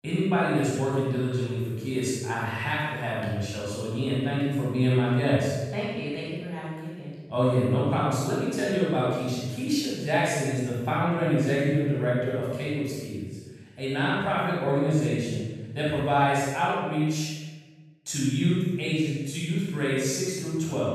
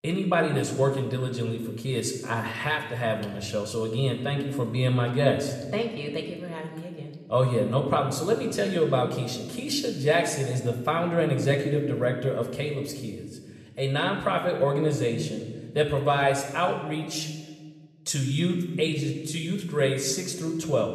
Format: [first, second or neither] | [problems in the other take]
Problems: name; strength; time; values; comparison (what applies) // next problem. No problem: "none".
second | room echo; strong; dies away in 1.2 s; slight in the second // off-mic speech; far; somewhat distant in the second